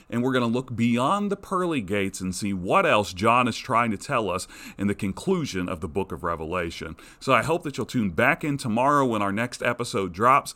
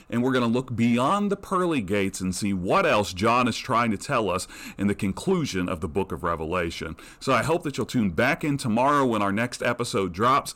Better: first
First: none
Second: distortion; slight; 10 dB below the speech

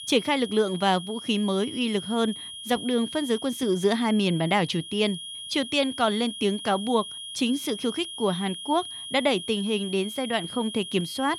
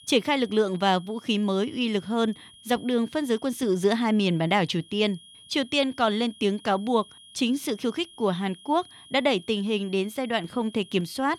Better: second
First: high-pitched whine; loud; throughout; 3.5 kHz, 10 dB below the speech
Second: high-pitched whine; faint; throughout; 3.5 kHz, 20 dB below the speech

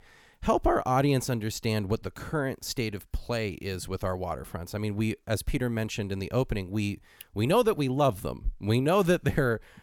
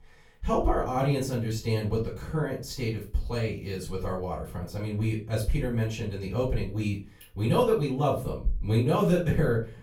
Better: first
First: none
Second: off-mic speech; far // room echo; slight; dies away in 0.3 s

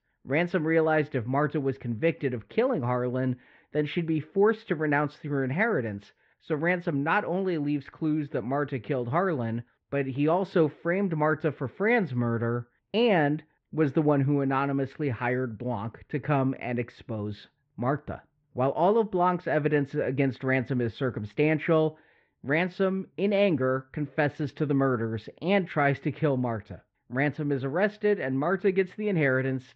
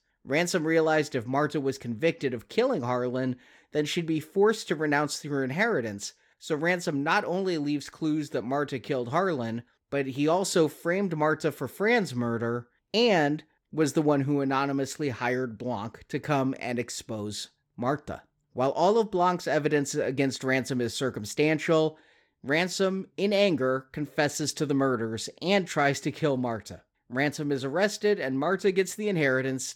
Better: second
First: muffled; very; fading above 3 kHz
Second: none

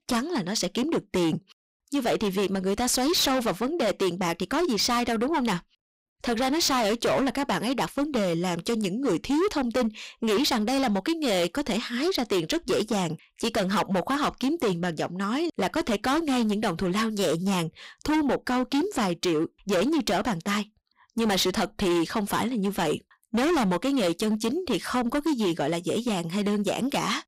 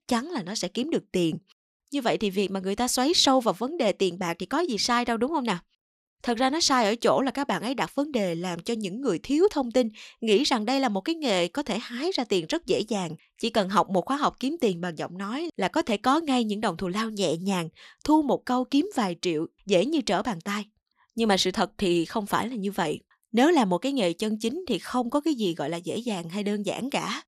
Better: second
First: distortion; heavy; 19% of the sound clipped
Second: none

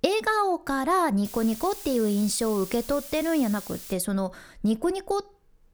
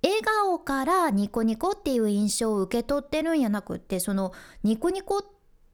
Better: second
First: hiss; noticeable; from 1.5 to 4 s; 15 dB below the speech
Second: none

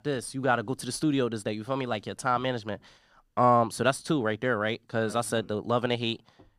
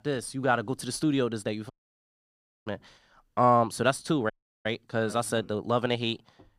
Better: first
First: none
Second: audio cutting out; at 1.5 s for 1 s and at 4.5 s

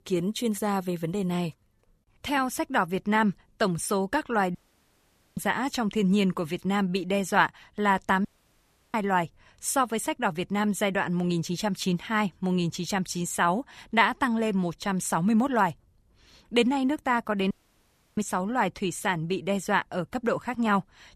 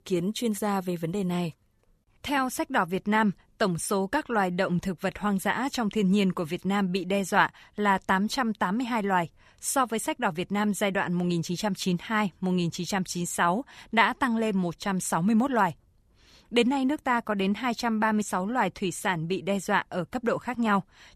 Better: second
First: audio cutting out; at 4.5 s for 1 s, at 8.5 s for 0.5 s and at 18 s for 0.5 s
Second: none

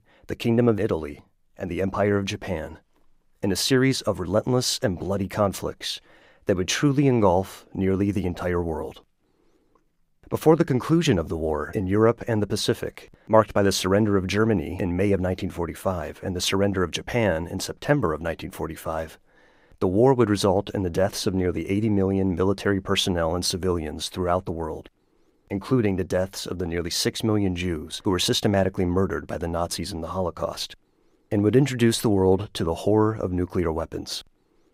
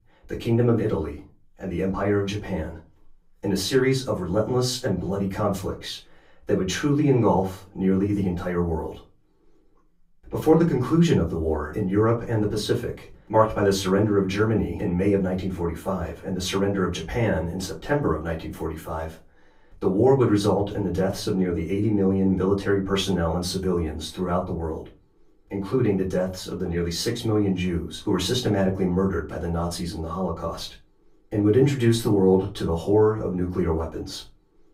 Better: first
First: none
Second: off-mic speech; far // room echo; very slight; dies away in 0.3 s

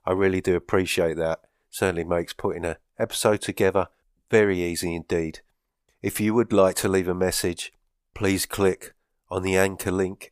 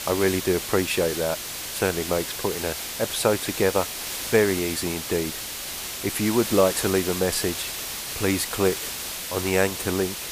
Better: first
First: none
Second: hiss; loud; throughout; 5 dB below the speech

